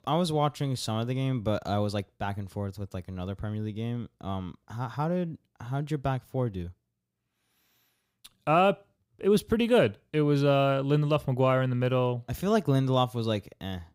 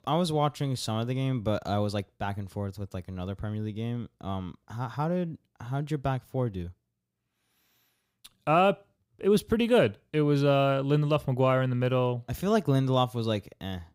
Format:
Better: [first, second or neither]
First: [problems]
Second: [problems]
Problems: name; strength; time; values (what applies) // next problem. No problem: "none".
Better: neither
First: none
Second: none